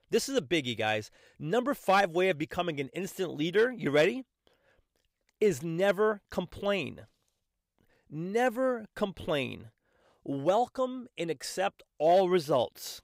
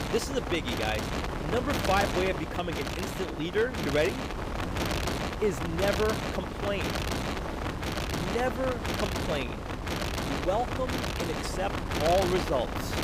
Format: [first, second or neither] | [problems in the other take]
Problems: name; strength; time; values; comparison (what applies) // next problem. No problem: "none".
first | wind noise on the microphone; heavy; 2 dB below the speech